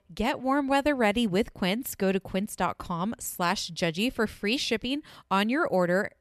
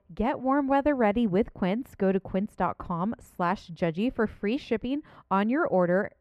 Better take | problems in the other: first | muffled; very; fading above 3 kHz

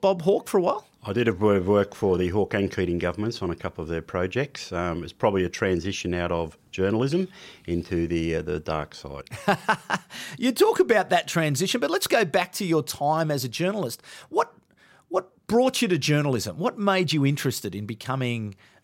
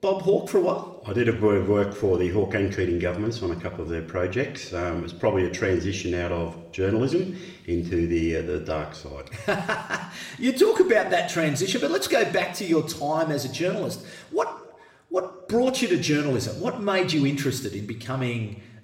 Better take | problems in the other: first | room echo; slight; dies away in 0.8 s // off-mic speech; somewhat distant

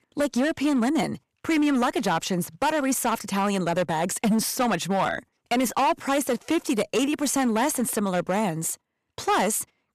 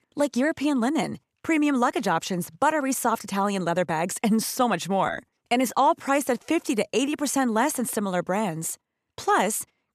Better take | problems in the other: second | distortion; slight; 10% of the sound clipped

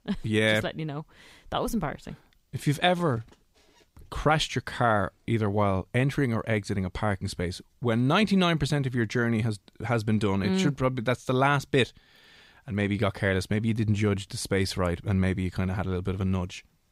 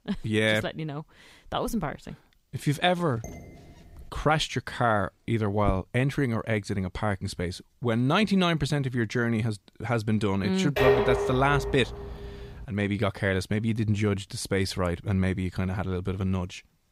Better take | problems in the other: first | clattering dishes; faint; at 3 s; peak 15 dB below the speech // footsteps; noticeable; at 5.5 s; peak 8 dB below the speech // clattering dishes; loud; from 11 to 12 s; peak 5 dB above the speech

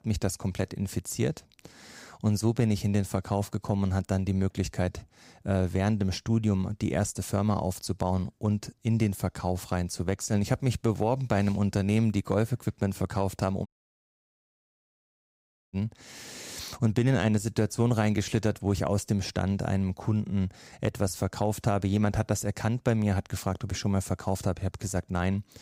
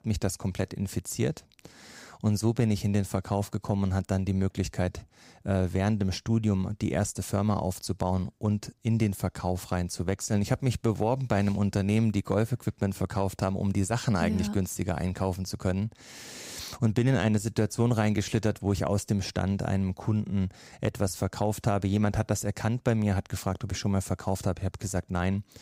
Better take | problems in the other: second | audio cutting out; at 14 s for 2 s

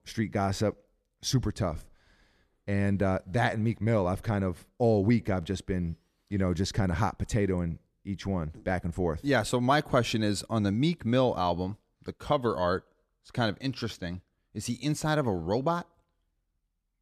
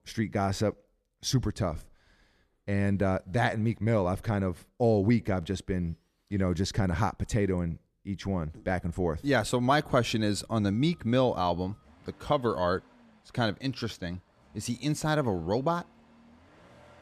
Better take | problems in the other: first | traffic noise; faint; from 8.5 s on; 30 dB below the speech

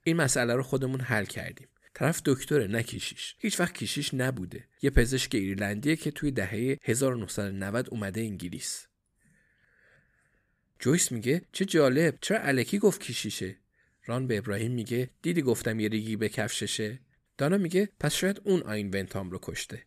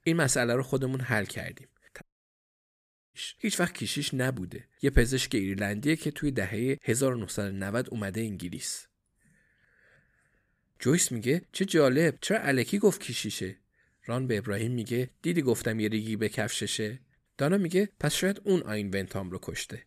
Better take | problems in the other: first | audio cutting out; at 2 s for 1 s

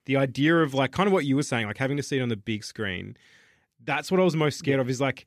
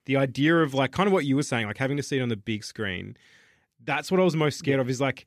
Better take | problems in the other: neither | none

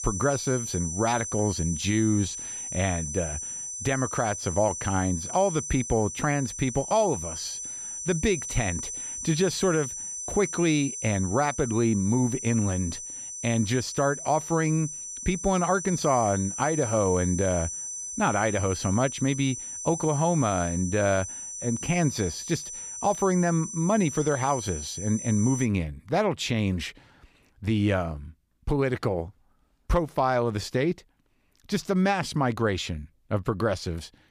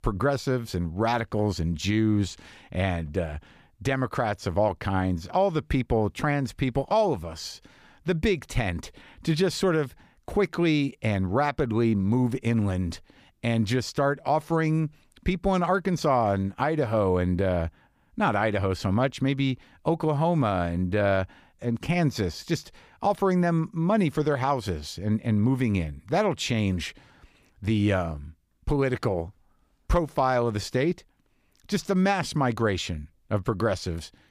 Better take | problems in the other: second | high-pitched whine; loud; until 26 s; 6 kHz, 6 dB below the speech

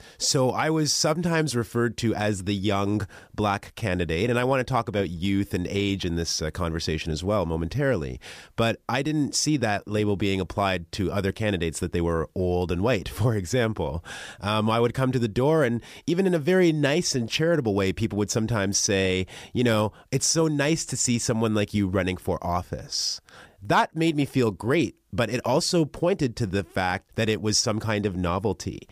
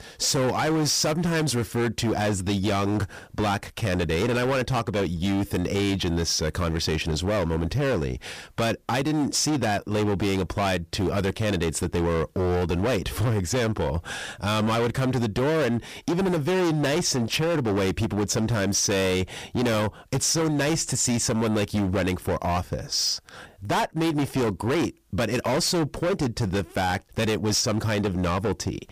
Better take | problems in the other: first | distortion; heavy; 25% of the sound clipped

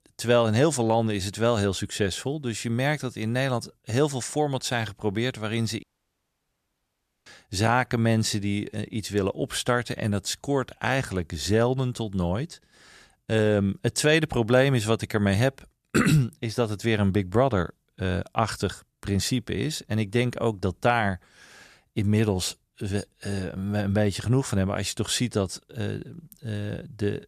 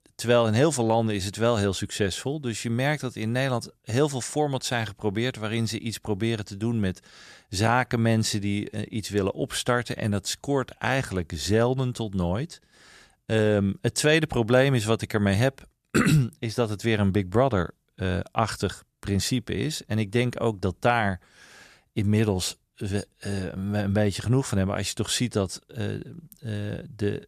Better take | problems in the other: second | audio cutting out; at 6 s for 1.5 s

